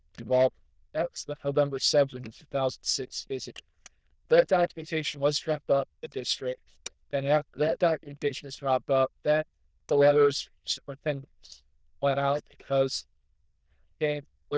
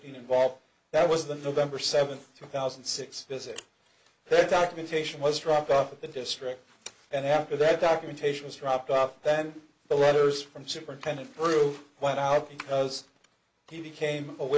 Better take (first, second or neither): second